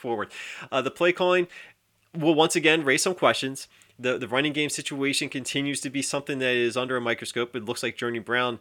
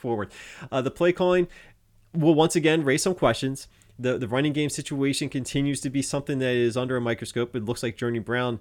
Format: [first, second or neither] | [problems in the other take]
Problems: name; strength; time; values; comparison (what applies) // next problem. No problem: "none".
second | thin; very slightly; fading below 800 Hz